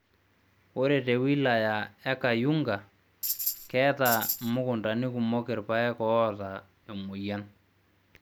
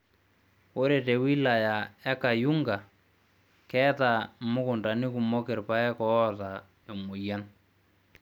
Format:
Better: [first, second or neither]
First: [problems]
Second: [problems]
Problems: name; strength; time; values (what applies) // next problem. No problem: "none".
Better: second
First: background sound (Tambourine); 4 dB below the speech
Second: none